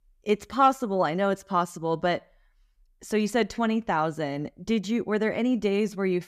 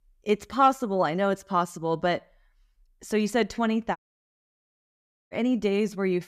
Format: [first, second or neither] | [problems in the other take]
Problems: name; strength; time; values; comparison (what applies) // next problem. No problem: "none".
first | audio cutting out; at 4 s for 1.5 s